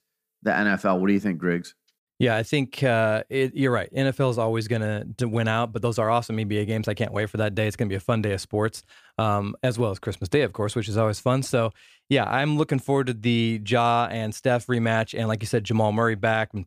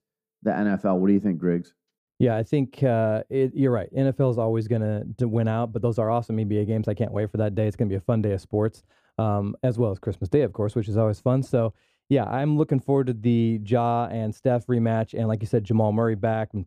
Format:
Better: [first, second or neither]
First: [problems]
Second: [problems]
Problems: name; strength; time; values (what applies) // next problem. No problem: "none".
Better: first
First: none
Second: muffled; slightly; fading above 1 kHz